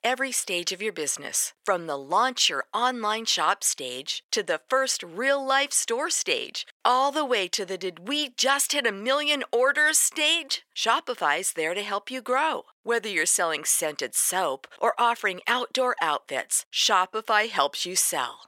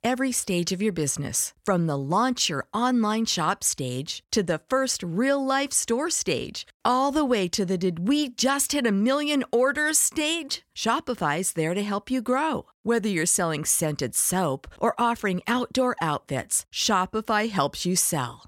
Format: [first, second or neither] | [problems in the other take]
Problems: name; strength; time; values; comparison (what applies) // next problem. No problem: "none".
second | thin; somewhat; fading below 550 Hz